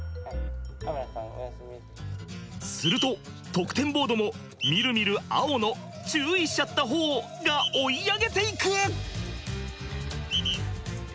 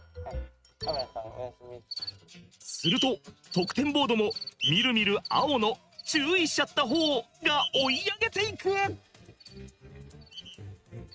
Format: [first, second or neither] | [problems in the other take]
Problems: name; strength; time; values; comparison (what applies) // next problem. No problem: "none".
first | noise reduction (neural mask model RNNoise)